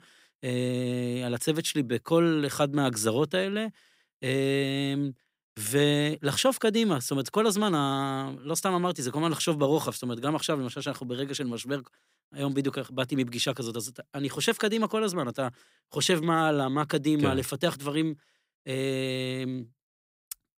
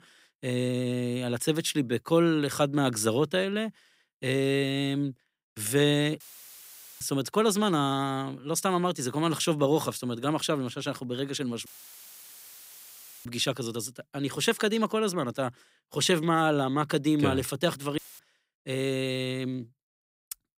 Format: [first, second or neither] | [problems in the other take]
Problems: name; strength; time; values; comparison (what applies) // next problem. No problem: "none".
first | audio cutting out; filled with static; at 6 s for 1 s, at 12 s for 1.5 s and at 18 s